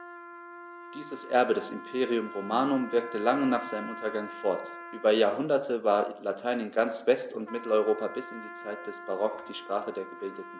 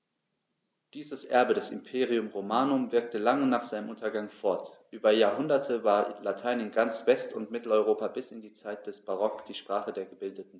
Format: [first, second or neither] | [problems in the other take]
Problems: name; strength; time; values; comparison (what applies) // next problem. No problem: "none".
second | background sound (Trumpet); 14 dB below the speech